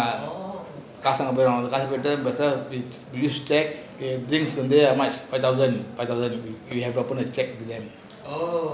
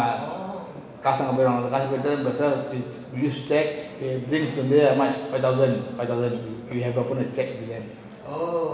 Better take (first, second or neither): first